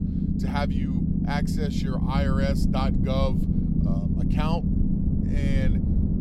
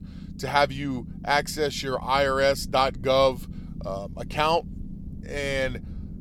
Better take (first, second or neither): second